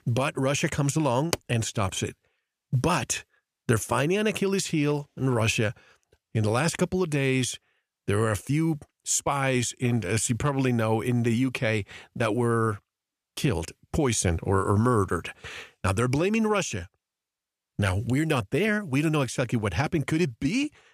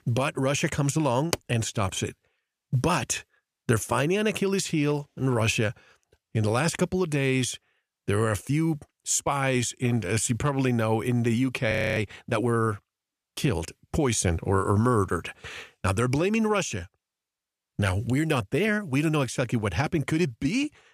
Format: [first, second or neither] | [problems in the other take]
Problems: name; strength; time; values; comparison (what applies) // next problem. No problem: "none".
first | audio freezing; at 12 s